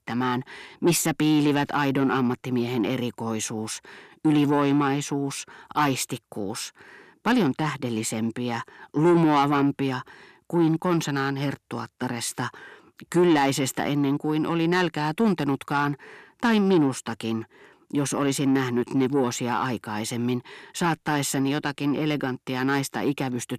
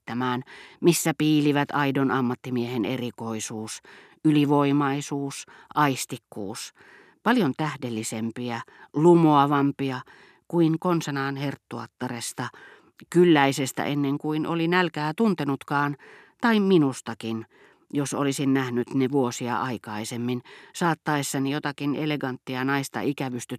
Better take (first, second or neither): second